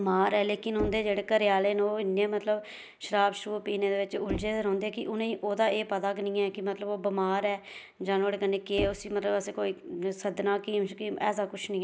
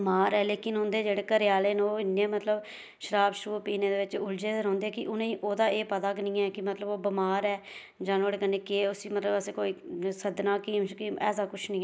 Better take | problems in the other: second | background sound (Knock); 15 dB below the speech

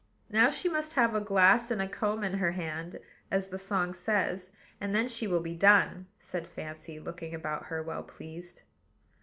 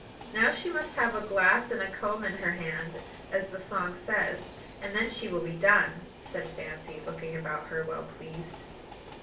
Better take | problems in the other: first | background sound (Train); 15 dB below the speech // room echo; dies away in 0.3 s

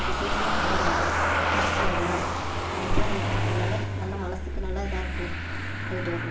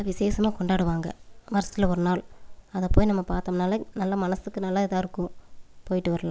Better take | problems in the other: second | background sound (Engine starting / Motor vehicle (road)); 3 dB above the speech // room echo; dies away in 0.4 s

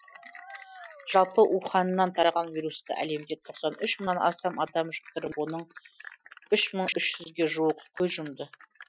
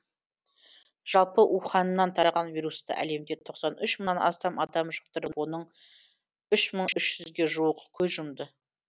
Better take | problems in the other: second | noise reduction (classical method Wiener filter)

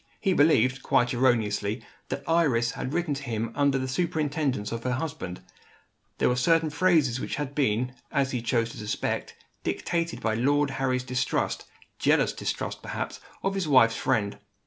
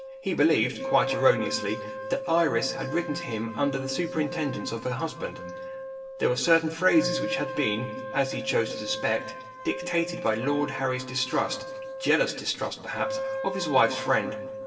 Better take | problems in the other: first | background sound (Wind instrument, woodwind instrument); 8 dB below the speech // room echo; dies away in 1.3 s

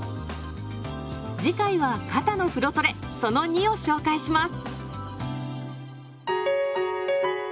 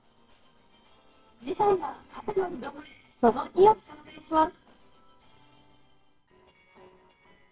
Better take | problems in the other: first | noise reduction (neural separator model SepFormer WHAMR!)

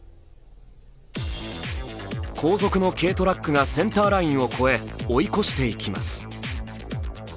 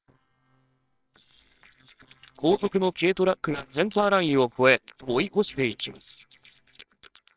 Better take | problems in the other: first | noise reduction (neural separator model SepFormer WHAMR!)

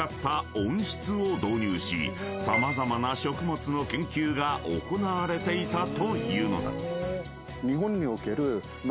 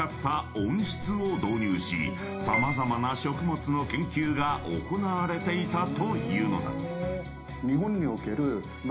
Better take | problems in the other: first | background sound (Clapping); 19 dB below the speech // room echo; dies away in 0.4 s

